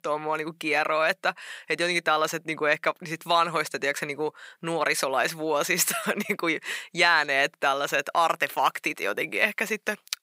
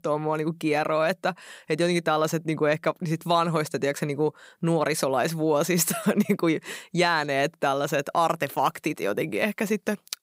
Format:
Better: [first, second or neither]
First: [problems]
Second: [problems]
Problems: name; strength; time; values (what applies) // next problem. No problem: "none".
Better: second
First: thin; somewhat; fading below 600 Hz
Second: none